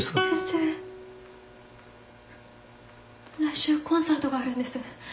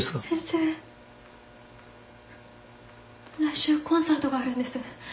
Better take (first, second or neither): second